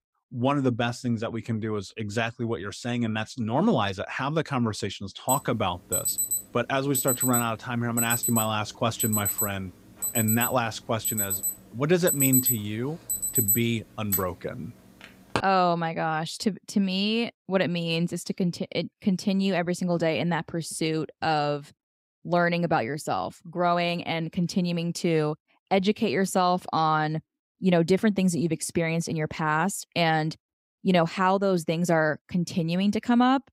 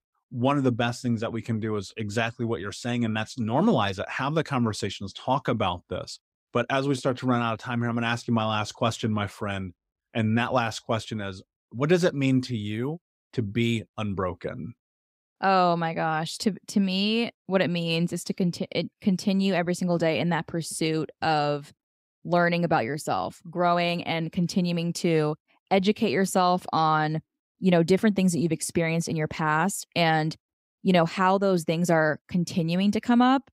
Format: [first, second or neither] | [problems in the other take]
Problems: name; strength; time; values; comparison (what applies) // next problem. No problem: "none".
second | alarm; loud; from 5.5 to 15 s; peak 6 dB above the speech